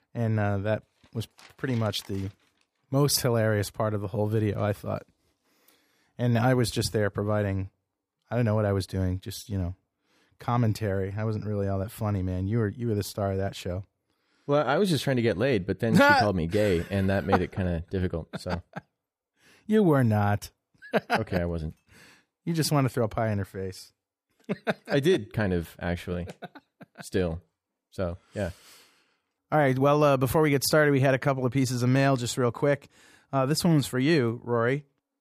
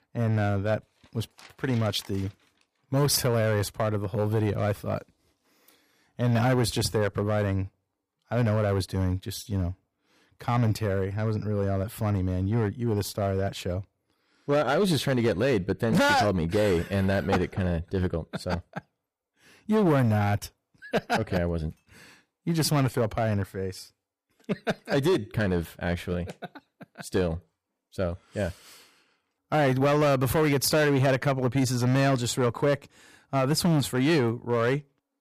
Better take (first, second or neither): first